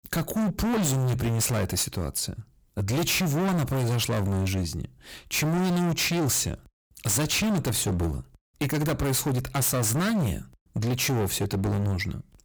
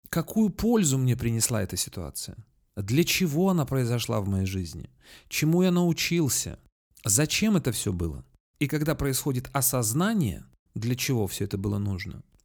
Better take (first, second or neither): second